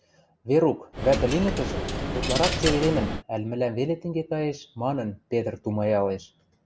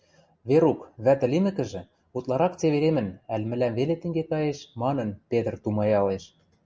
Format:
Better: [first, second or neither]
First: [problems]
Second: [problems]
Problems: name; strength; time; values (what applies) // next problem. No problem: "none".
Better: second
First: background sound (Coin (dropping)); 2 dB below the speech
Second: none